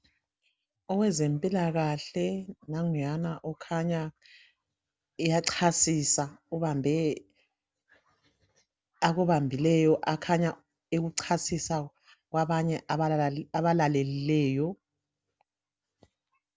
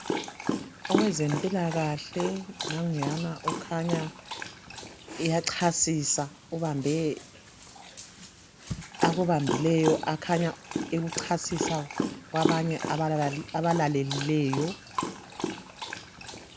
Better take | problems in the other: first | background sound (Dog); 5 dB below the speech

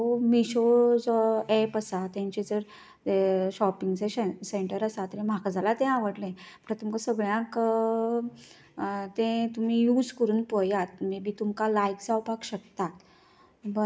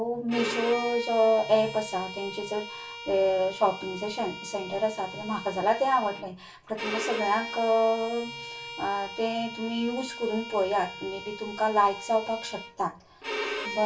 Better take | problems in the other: first | background sound (Bowed string instrument); 10 dB below the speech // room echo; dies away in 0.2 s

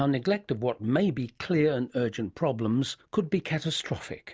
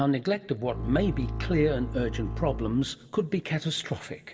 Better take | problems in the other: first | background sound (Bowed string instrument); 6 dB below the speech // room echo; dies away in 1.9 s

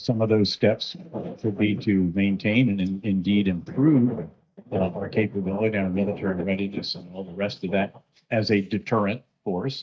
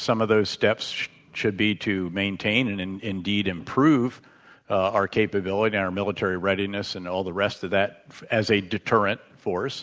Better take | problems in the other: second | noise reduction (neural mask model DeepFilterNet 3)

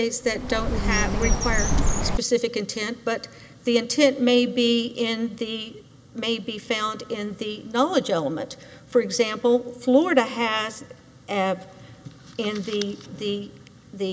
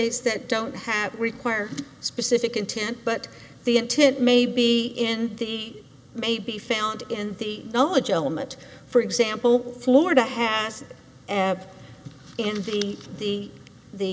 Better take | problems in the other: second | background sound (Bird); 3 dB above the speech

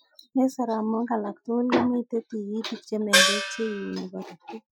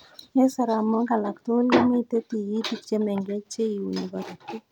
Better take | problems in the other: second | noise reduction (classical method Wiener filter)

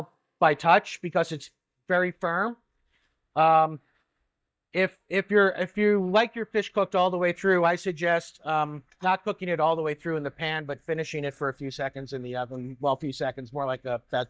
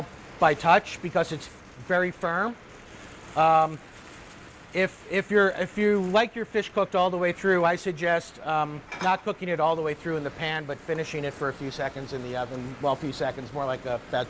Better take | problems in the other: second | noise reduction (neural mask model DeepFilterNet 3)

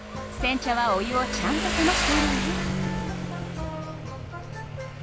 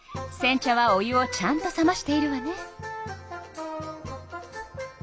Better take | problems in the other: second | background sound (Motorcycle); as loud as the speech

